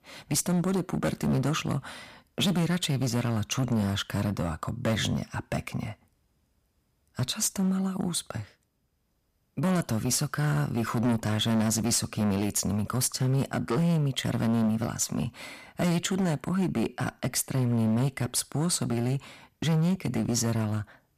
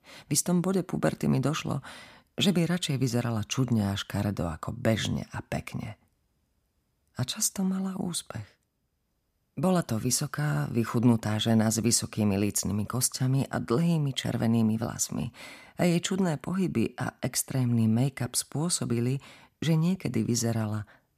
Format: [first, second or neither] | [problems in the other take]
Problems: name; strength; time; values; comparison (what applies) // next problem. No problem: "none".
second | distortion; slight; 12% of the sound clipped